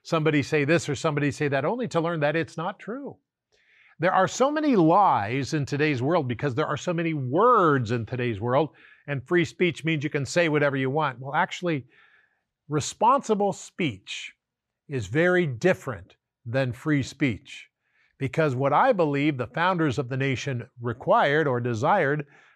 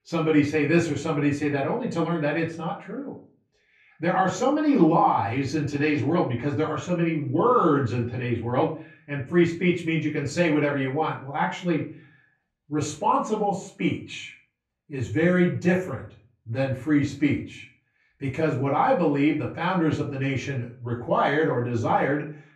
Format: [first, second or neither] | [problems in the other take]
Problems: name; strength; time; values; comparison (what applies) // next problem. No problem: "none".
first | off-mic speech; far // room echo; slight; dies away in 0.3 s